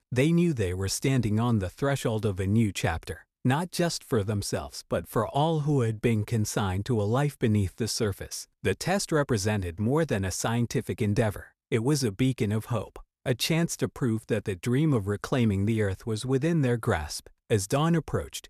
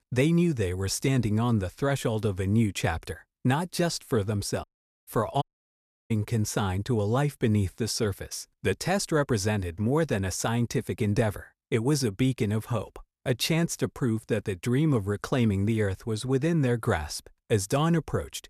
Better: first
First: none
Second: audio cutting out; at 4.5 s and at 5.5 s for 0.5 s

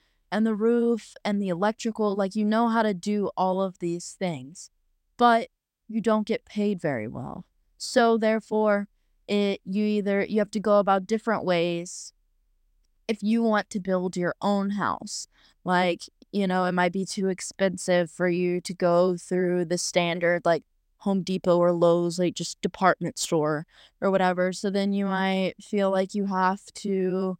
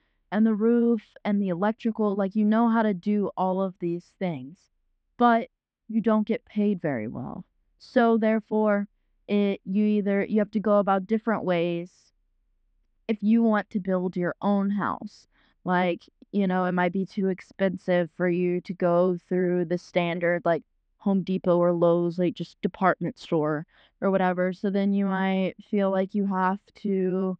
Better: first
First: none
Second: muffled; very; fading above 3 kHz

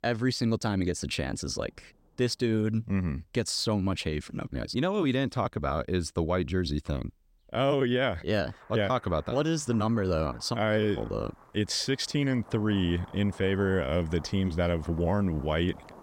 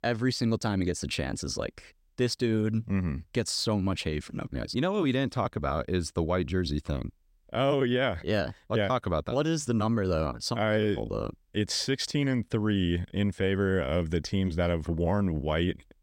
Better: second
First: rain or running water; faint; throughout; 20 dB below the speech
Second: none

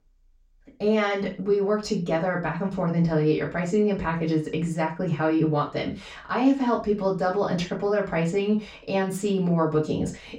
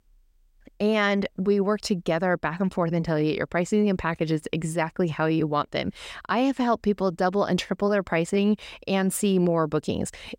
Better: second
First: room echo; slight; dies away in 0.2 s // off-mic speech; far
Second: none

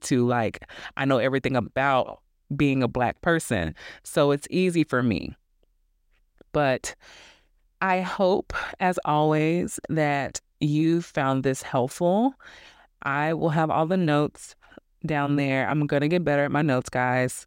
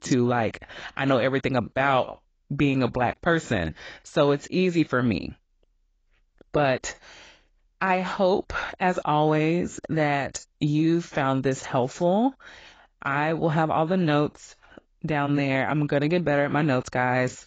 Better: first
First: none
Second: garbled, watery; badly; nothing above 7.5 kHz

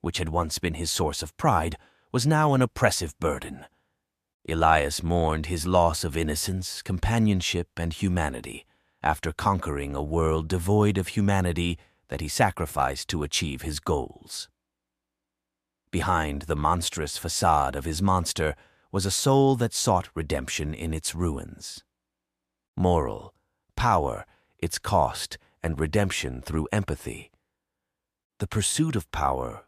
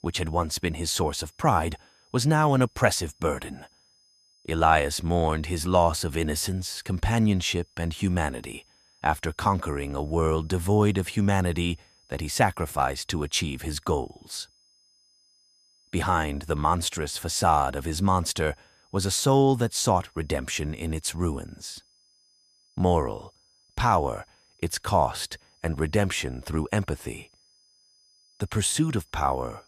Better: first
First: none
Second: high-pitched whine; faint; throughout; 5 kHz, 35 dB below the speech

